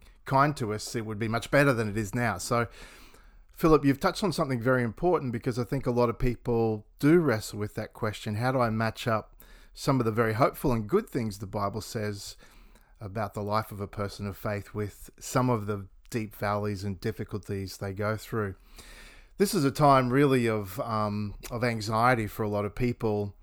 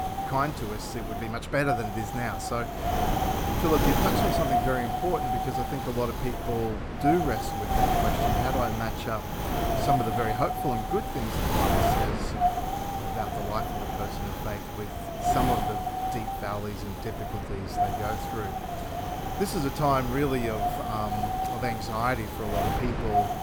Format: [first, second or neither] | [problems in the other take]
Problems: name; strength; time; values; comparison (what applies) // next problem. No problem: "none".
first | wind noise on the microphone; heavy; 3 dB above the speech